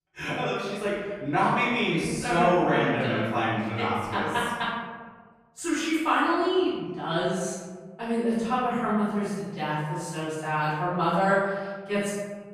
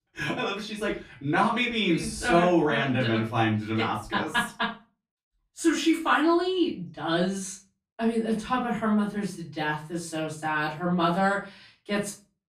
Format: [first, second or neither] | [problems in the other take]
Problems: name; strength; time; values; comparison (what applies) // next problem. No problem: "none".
second | room echo; strong; dies away in 1.3 s; slight in the second // off-mic speech; far; far in the second